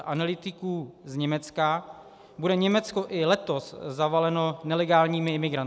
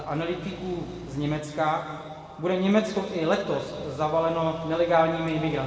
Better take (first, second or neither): first